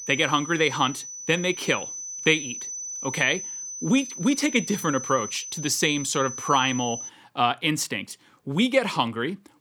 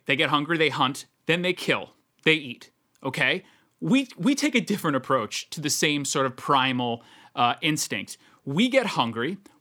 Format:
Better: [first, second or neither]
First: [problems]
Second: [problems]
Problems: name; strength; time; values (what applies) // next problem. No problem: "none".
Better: second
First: high-pitched whine; loud; until 7 s; 6 kHz, 9 dB below the speech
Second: none